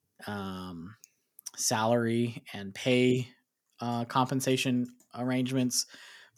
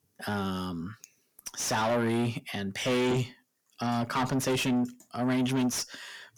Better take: first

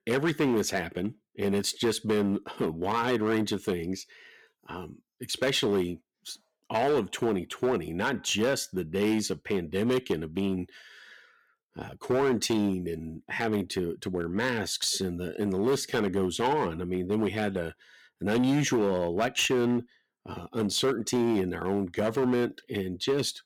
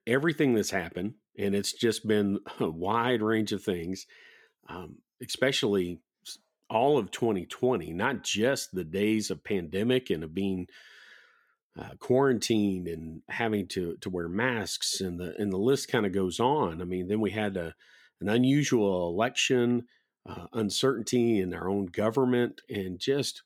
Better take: second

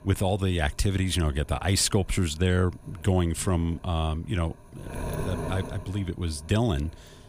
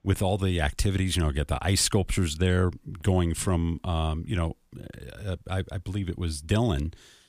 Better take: second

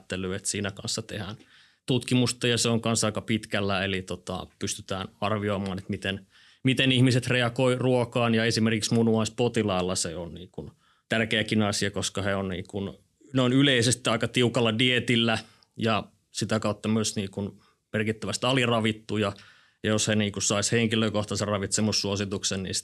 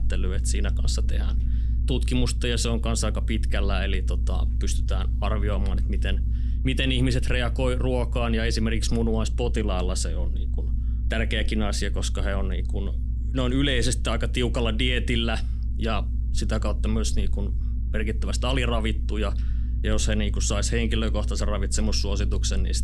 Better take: first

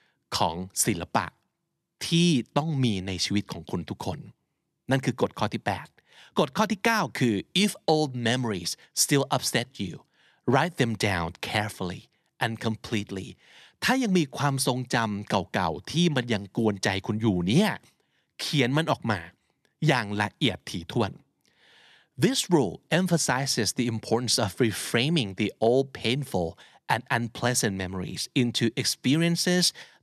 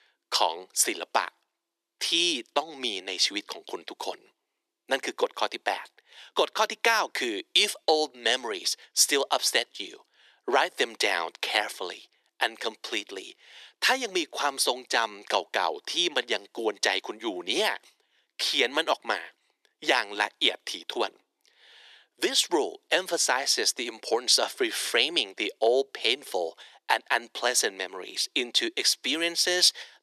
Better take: first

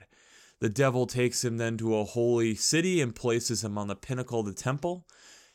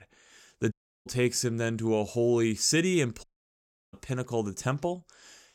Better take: first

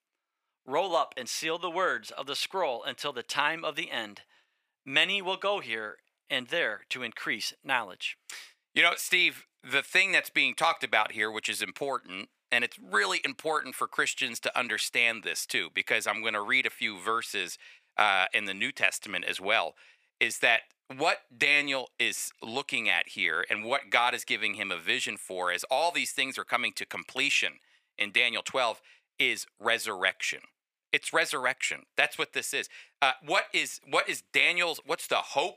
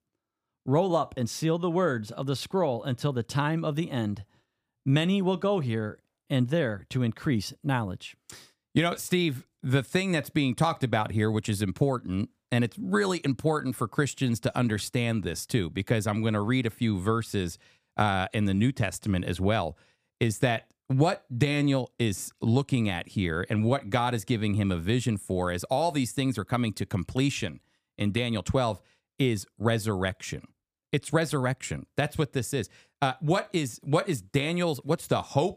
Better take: second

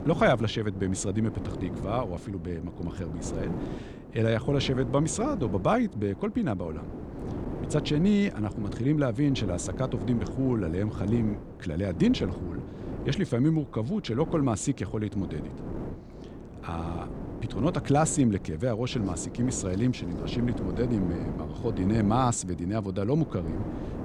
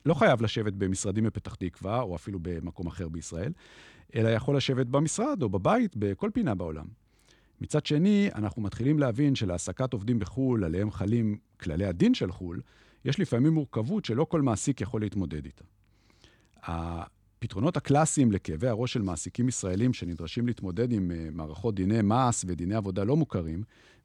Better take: second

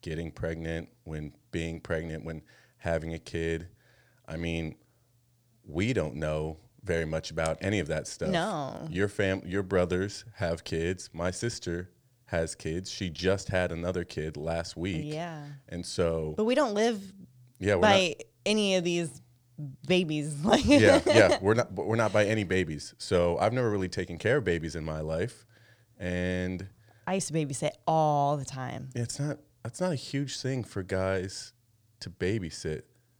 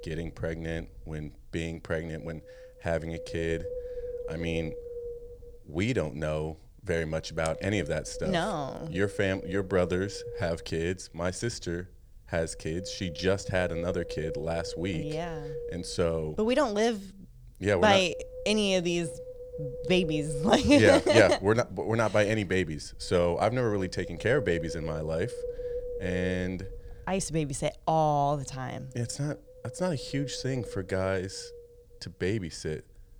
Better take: first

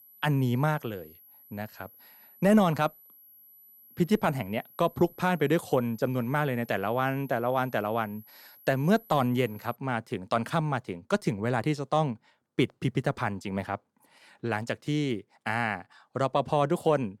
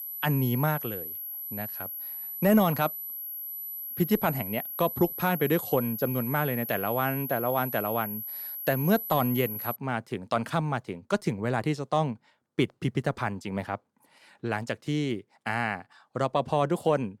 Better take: first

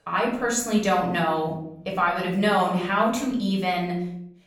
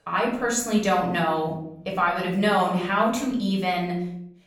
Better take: neither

